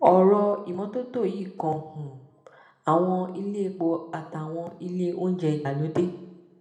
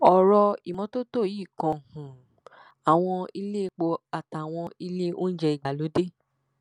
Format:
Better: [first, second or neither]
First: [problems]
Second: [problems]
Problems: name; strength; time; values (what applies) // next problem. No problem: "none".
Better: second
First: room echo; dies away in 0.8 s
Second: none